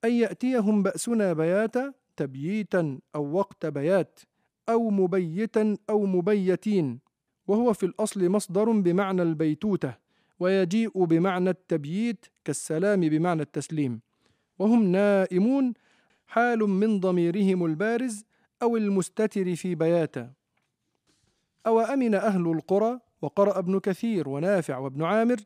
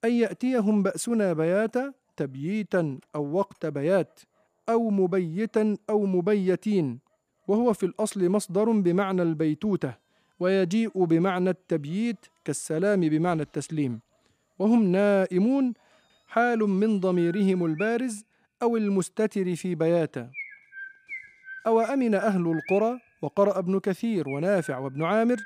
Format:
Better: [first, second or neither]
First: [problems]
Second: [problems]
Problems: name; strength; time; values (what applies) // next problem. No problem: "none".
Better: first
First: none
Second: animal sounds; noticeable; throughout; 15 dB below the speech